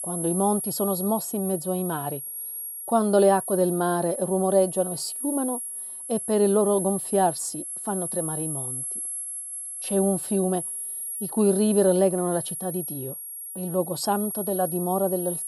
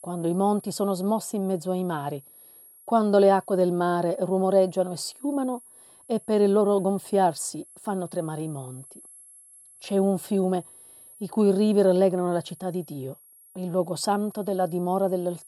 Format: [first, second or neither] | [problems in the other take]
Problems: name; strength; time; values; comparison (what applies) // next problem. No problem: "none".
second | high-pitched whine; loud; throughout; 11 kHz, 6 dB below the speech; faint in the second